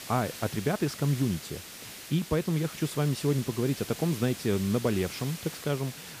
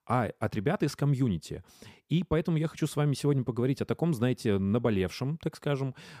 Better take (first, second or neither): second